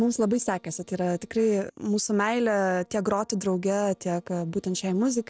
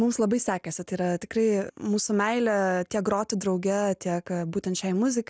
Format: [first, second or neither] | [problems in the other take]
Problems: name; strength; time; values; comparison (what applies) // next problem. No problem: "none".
second | noise reduction (neural separator model SepFormer DNS4)